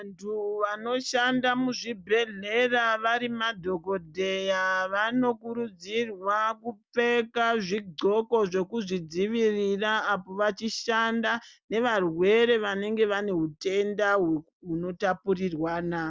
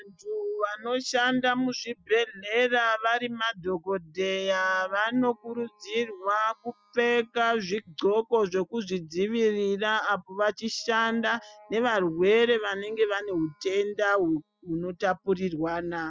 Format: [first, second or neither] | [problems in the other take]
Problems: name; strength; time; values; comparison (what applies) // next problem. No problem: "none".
first | noise reduction (classical method spectral subtraction)